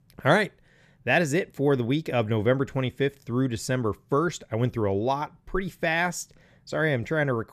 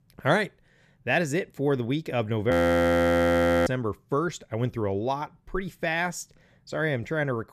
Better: first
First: none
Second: audio freezing; at 2.5 s for 1 s

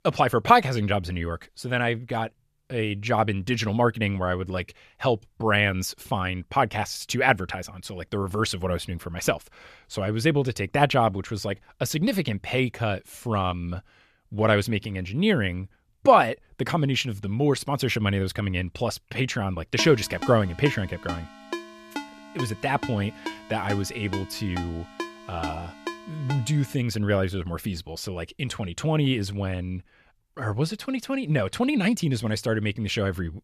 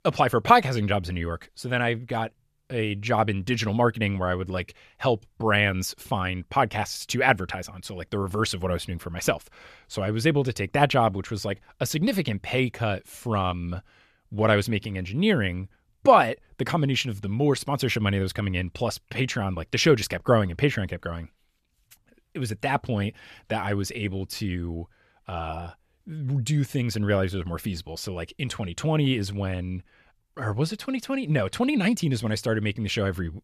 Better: second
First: phone ringing; noticeable; from 20 to 26 s; peak 9 dB below the speech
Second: none

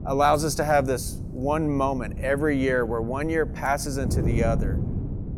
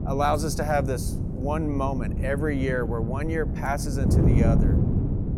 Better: first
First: wind noise on the microphone; occasional gusts; 15 dB below the speech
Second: wind noise on the microphone; heavy; 7 dB below the speech

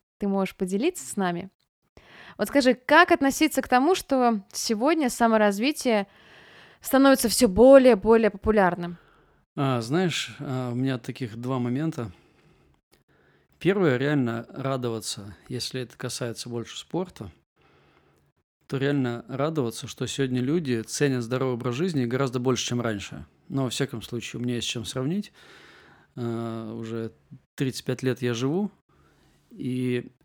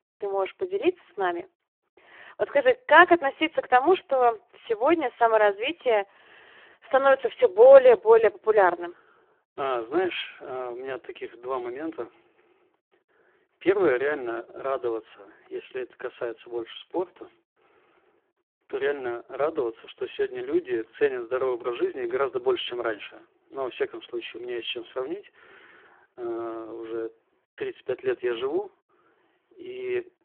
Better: first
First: none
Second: phone-call audio; poor line

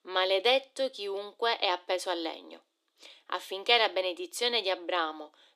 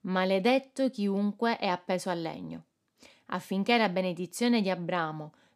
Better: second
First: thin; very; fading below 300 Hz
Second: none

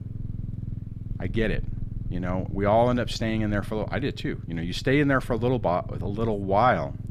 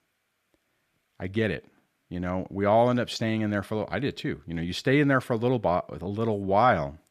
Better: second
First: low rumble; faint; throughout; 20 dB below the speech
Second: none

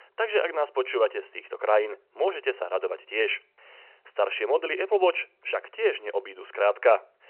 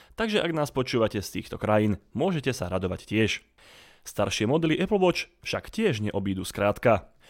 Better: second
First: phone-call audio; nothing above 3 kHz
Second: none

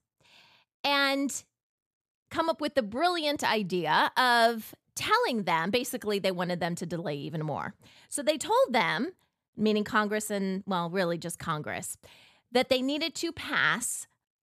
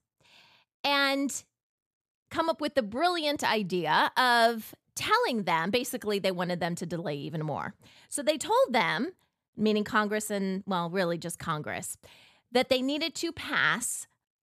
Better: neither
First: none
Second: none

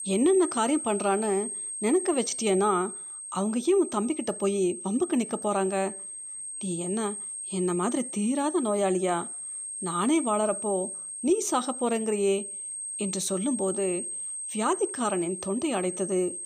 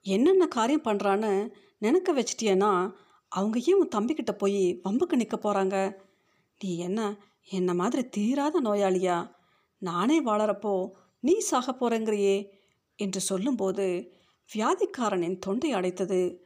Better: second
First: high-pitched whine; loud; throughout; 8.5 kHz, 6 dB below the speech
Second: none

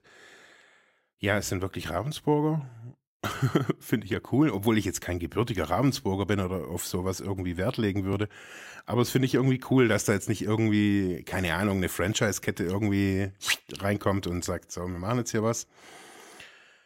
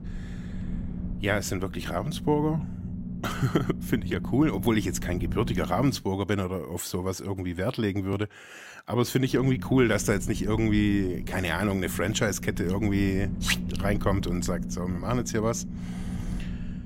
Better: first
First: none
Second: low rumble; noticeable; until 6 s and from 9.5 s on; 15 dB below the speech

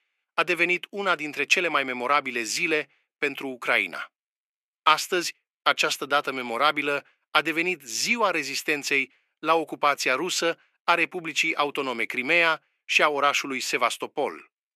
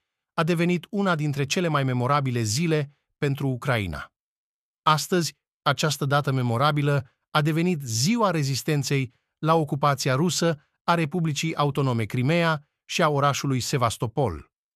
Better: second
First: thin; very; fading below 300 Hz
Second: none

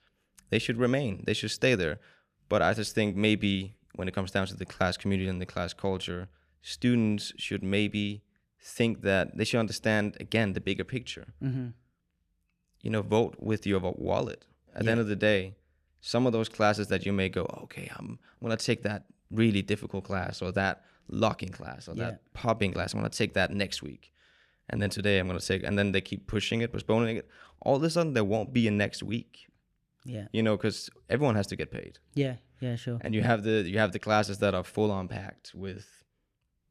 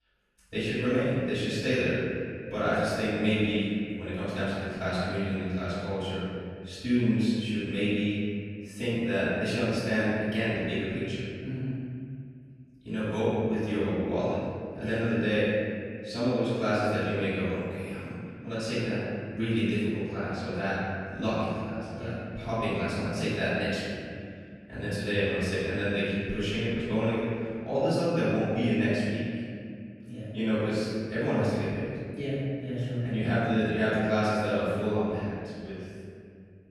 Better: first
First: none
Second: off-mic speech; far // room echo; strong; dies away in 2.2 s

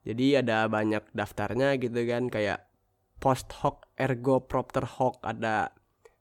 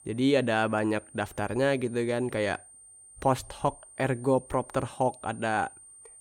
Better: first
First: none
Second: high-pitched whine; faint; throughout; 9 kHz, 20 dB below the speech

